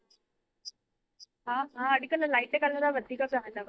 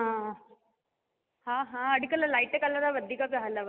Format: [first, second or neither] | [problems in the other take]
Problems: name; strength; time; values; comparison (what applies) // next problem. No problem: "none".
second | noise reduction (neural mask model DeepFilterNet 3)